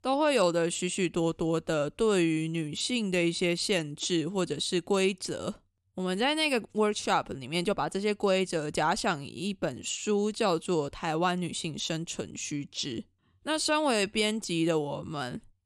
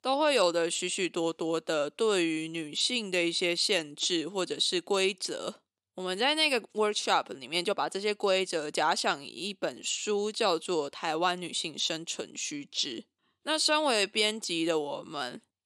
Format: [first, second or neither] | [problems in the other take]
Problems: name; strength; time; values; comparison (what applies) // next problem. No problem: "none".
first | thin; somewhat; fading below 350 Hz